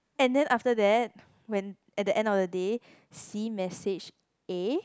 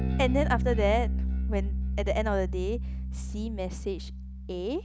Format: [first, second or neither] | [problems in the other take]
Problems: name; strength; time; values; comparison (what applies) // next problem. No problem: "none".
first | background sound (Bass guitar); 1 dB above the speech